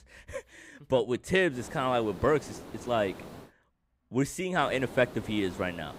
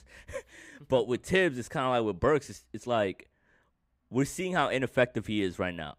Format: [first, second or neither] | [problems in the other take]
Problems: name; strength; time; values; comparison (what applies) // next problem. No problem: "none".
second | hiss; noticeable; from 1.5 to 3.5 s and from 4.5 s on; 15 dB below the speech